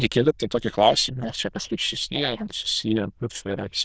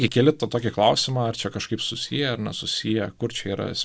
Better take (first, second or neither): second